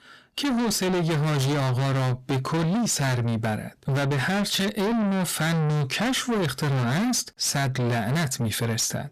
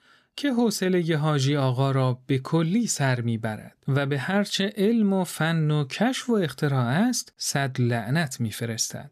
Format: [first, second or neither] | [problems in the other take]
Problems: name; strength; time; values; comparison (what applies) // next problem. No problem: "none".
second | distortion; heavy; 6 dB below the speech